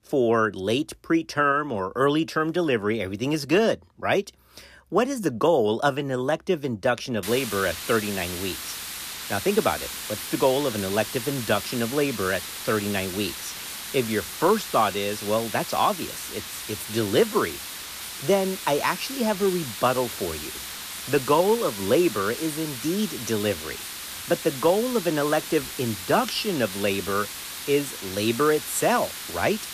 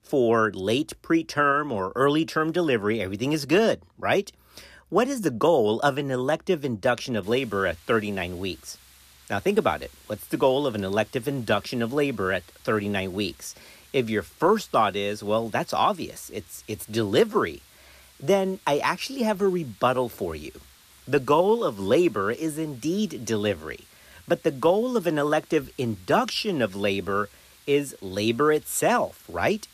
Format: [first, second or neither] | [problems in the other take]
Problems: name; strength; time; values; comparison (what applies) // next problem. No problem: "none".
second | hiss; loud; from 7 s on; 8 dB below the speech; faint in the second